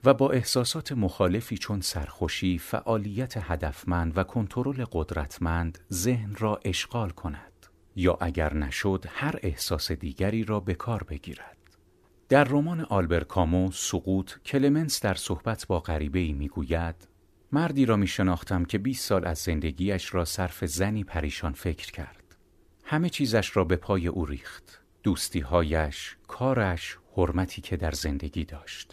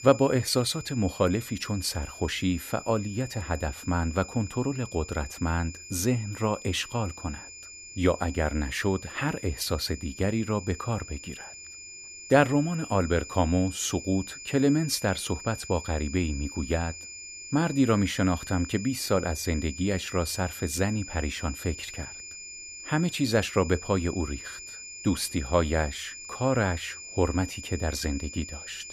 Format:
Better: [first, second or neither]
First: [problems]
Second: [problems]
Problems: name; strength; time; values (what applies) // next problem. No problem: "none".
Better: first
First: none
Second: high-pitched whine; noticeable; throughout; 2.5 kHz, 10 dB below the speech